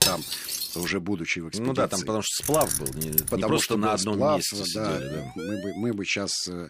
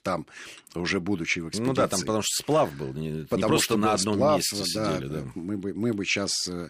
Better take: second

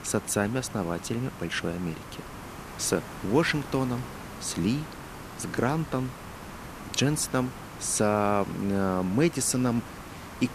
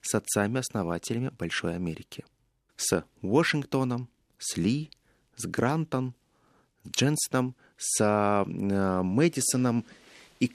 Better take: second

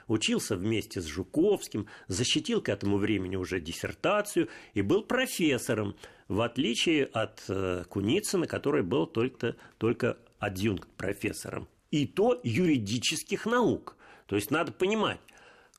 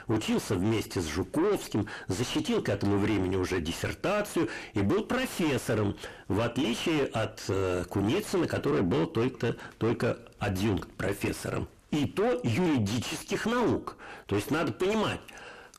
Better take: first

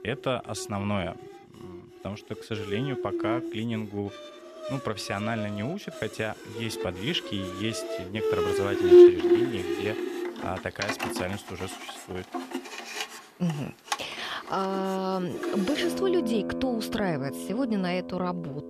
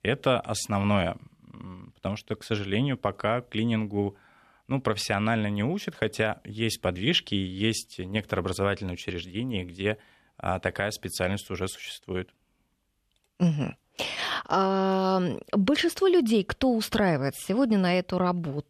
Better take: second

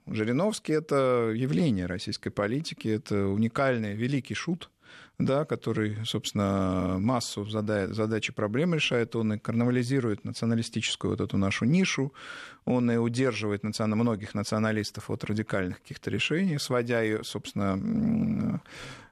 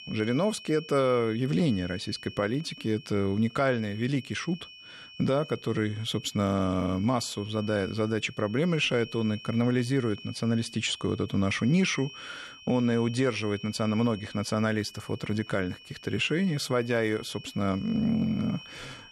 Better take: first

